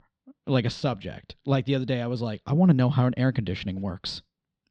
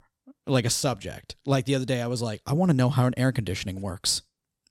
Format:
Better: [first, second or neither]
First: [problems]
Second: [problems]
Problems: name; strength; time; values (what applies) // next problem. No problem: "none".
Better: second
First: muffled; slightly; fading above 4 kHz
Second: none